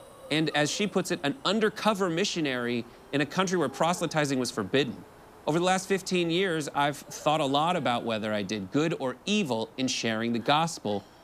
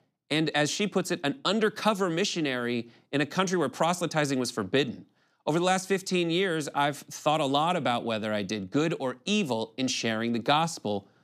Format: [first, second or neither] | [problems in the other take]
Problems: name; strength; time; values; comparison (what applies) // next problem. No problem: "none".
second | hiss; faint; throughout; 25 dB below the speech